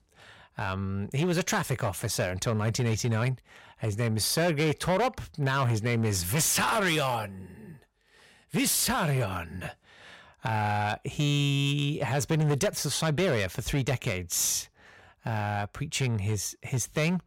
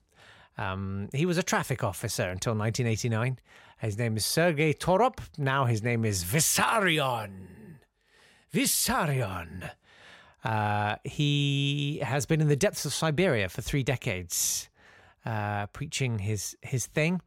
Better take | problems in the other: second | distortion; slight; 9% of the sound clipped

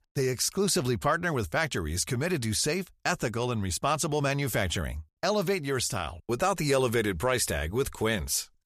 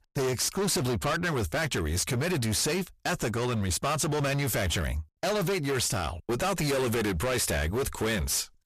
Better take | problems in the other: first | distortion; heavy; 30% of the sound clipped

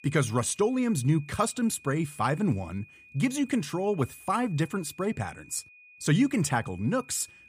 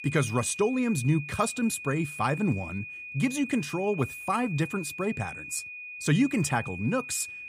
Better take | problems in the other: first | high-pitched whine; loud; throughout; 2.5 kHz, 10 dB below the speech; faint in the first

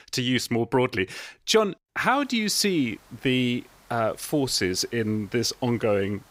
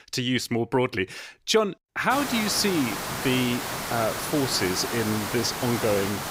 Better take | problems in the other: first | hiss; loud; from 2 s on; 4 dB below the speech; faint in the first

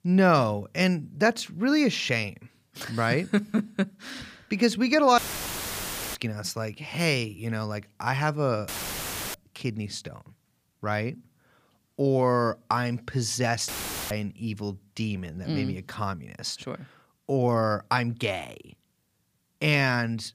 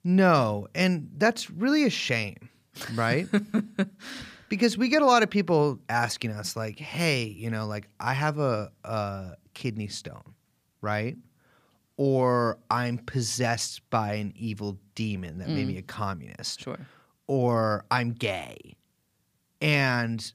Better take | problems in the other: second | audio cutting out; filled with static; at 5 s for 1 s, at 8.5 s for 0.5 s and at 14 s

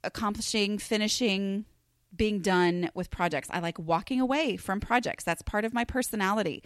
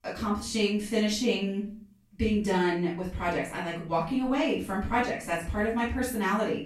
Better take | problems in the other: first | off-mic speech; far // room echo; noticeable; dies away in 0.4 s

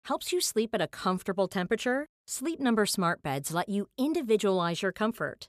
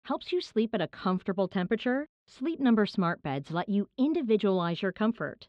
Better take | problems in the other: first | muffled; slightly; fading above 3.5 kHz

